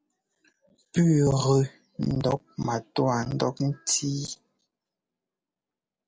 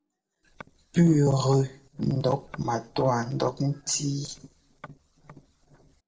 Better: first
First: none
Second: noise reduction (neural separator model SepFormer DNS4)

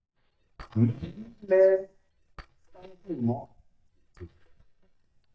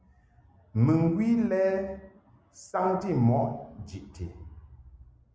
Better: second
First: noise reduction (neural mask model DeepFilterNet 3)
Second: none

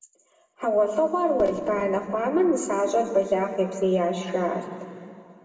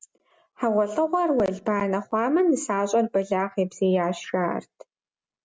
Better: second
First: room echo; dies away in 2.3 s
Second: none

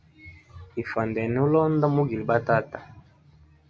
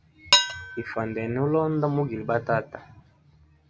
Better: first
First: none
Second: background sound (Dishes, pots, and pans); 2 dB below the speech

